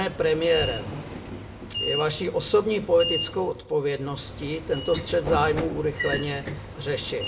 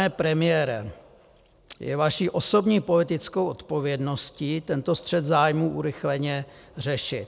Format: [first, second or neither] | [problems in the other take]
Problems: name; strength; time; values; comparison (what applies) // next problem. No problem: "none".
second | background sound (Sliding door / Train); 7 dB below the speech // room echo; dies away in 0.4 s